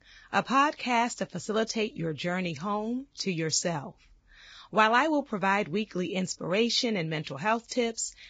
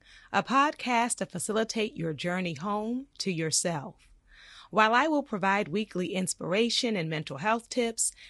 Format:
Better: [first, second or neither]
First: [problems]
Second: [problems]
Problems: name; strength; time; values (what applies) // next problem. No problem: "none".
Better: second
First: garbled, watery; badly; nothing above 7.5 kHz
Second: garbled, watery; slightly; nothing above 10.5 kHz